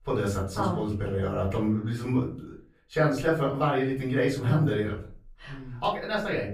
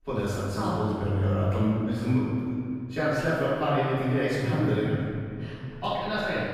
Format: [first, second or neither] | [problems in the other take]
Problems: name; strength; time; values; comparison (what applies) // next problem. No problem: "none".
first | room echo; strong; dies away in 2.2 s; slight in the first // off-mic speech; far; far in the first